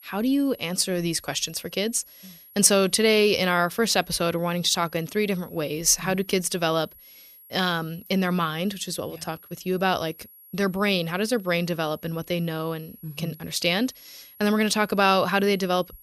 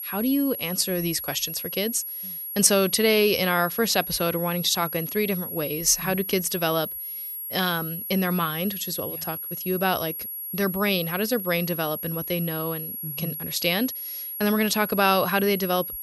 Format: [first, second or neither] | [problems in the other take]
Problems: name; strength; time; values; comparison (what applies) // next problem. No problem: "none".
first | high-pitched whine; loud; throughout; 11.5 kHz, 6 dB below the speech; faint in the first